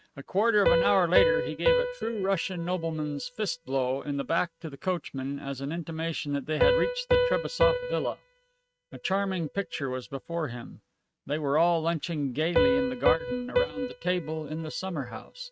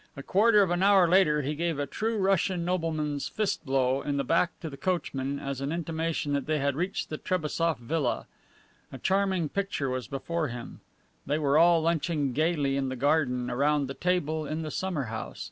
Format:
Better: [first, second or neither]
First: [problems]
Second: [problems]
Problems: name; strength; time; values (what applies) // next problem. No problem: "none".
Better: second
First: noise reduction (neural mask model RNNoise)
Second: none